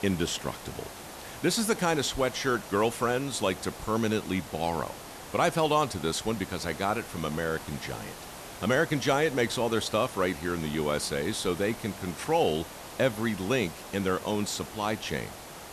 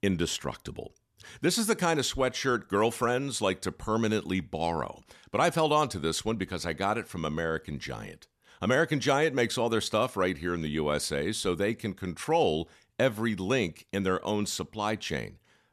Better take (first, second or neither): second